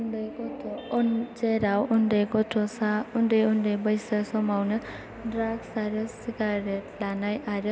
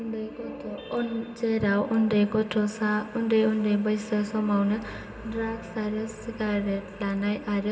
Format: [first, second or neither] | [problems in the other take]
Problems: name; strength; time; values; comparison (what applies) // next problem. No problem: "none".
first | room echo; dies away in 2.4 s